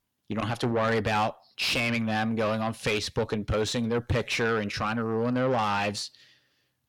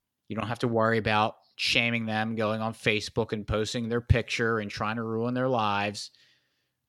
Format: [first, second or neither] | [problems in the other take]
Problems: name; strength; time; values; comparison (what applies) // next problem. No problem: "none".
second | distortion; heavy; 6 dB below the speech